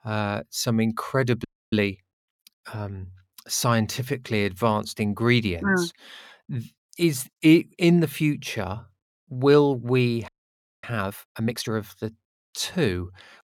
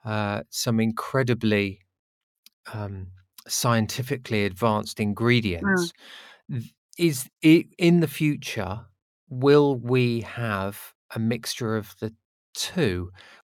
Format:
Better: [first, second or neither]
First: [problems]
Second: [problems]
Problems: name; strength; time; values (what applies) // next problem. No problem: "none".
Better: second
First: audio freezing; at 1.5 s and at 10 s for 0.5 s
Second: none